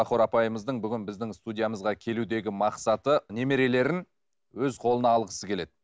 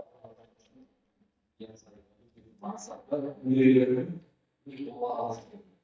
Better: first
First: none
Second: noise reduction (neural mask model DeepFilterNet 3)

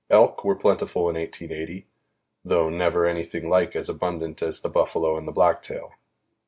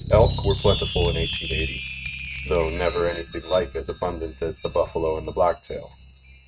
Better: first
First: none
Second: noise reduction (neural mask model RNNoise)

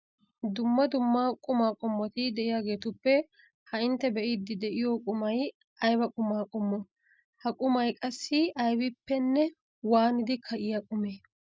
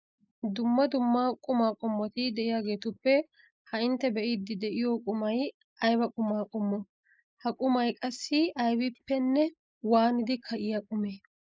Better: first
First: none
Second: noise reduction (neural mask model Resemble Enhance denoiser)

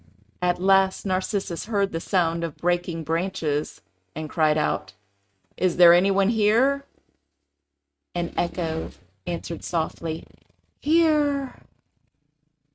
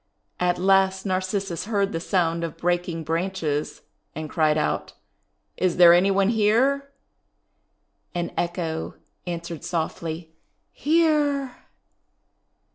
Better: second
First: noise reduction (neural mask model RNNoise)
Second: none

